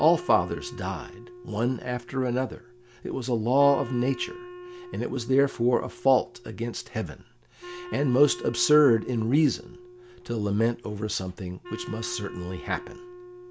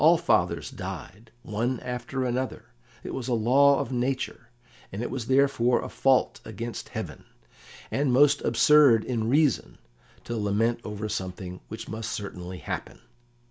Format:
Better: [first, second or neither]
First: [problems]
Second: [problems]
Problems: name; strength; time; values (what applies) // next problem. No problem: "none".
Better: second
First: background sound (Wind instrument, woodwind instrument); 17 dB below the speech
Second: none